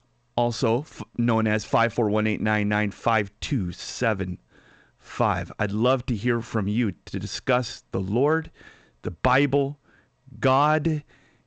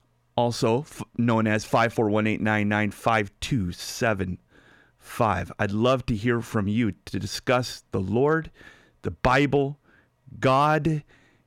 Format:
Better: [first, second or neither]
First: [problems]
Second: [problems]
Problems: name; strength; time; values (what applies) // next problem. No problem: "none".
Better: second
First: garbled, watery; slightly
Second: none